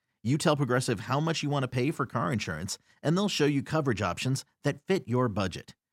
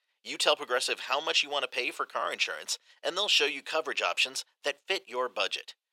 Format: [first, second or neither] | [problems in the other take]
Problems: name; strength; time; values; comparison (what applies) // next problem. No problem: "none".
first | thin; very; fading below 500 Hz